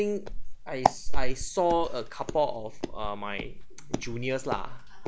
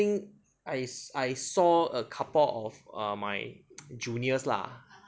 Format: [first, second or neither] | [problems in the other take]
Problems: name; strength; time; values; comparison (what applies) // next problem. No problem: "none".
second | background sound (Walk, footsteps); 4 dB above the speech